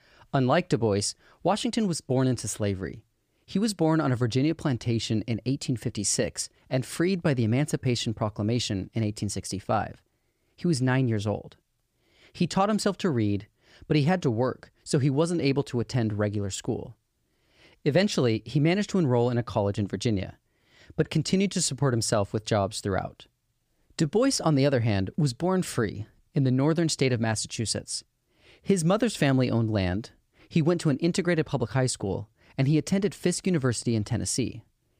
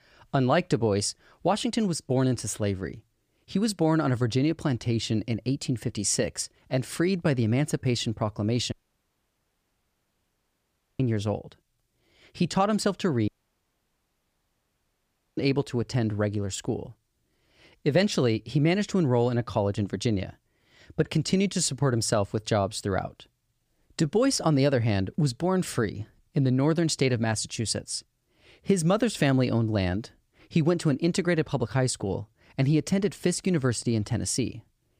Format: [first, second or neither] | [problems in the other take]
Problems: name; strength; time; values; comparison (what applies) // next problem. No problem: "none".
first | audio cutting out; at 8.5 s for 2.5 s and at 13 s for 2 s